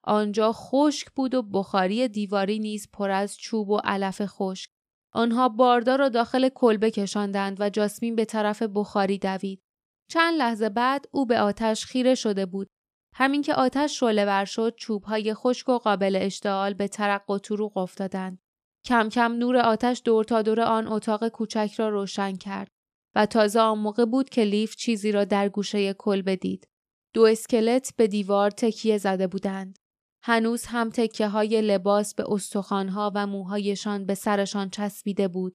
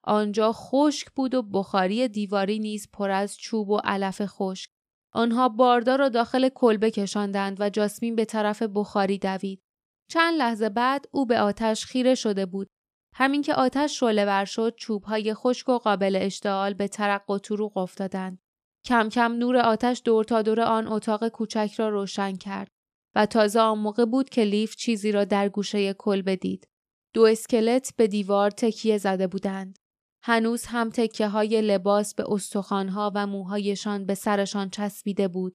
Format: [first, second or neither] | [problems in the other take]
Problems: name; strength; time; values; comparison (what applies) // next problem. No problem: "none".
neither | none